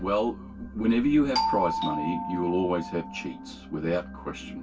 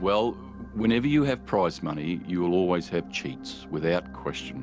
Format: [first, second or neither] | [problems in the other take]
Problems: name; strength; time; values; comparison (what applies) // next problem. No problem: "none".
second | background sound (Doorbell); 3 dB below the speech // room echo; dies away in 0.1 s